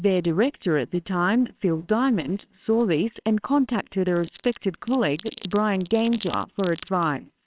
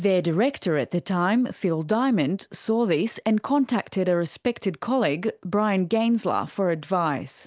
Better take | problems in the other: second | noise reduction (neural separator model SepFormer WHAMR!)

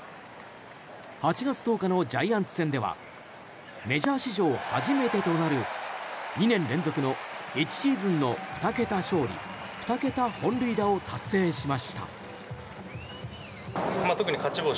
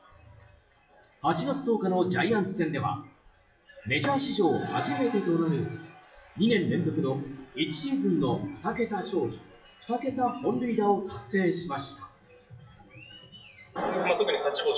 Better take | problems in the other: first | noise reduction (classical method WPE with log-MMSE)

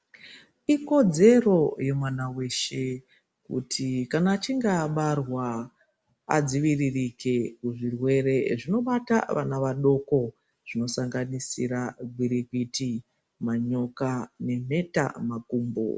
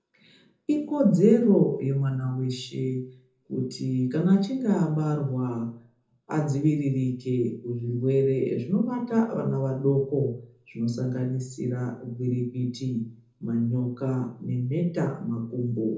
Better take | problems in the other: first | room echo; dies away in 0.5 s

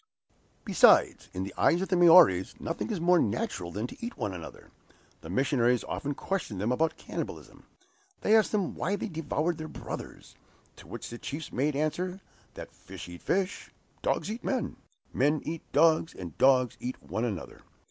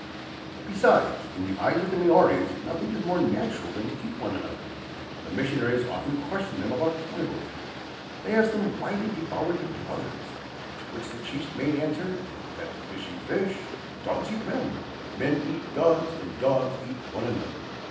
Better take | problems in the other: first | background sound (Boat, Water vehicle); 10 dB below the speech // room echo; dies away in 0.9 s

